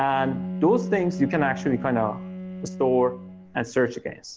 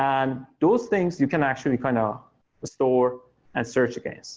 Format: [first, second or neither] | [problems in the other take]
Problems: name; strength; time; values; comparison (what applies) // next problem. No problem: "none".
second | background sound (Bowed string instrument); 9 dB below the speech